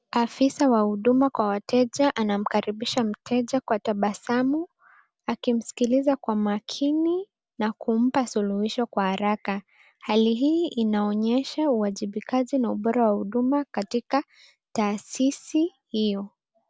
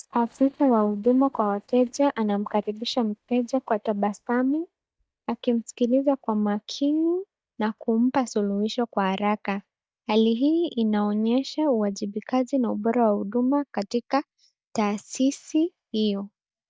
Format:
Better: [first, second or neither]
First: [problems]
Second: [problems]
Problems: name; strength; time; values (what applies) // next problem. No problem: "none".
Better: first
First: none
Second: noise reduction (neural mask model DeepFilterNet 3)